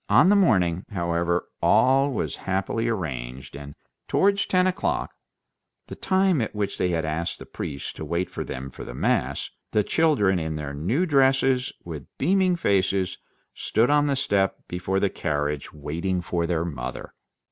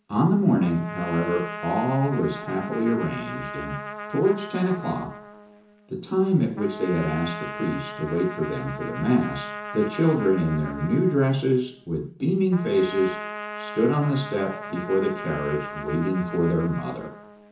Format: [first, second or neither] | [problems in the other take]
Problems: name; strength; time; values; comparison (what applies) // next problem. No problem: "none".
first | background sound (Trumpet); 11 dB below the speech // room echo; dies away in 0.6 s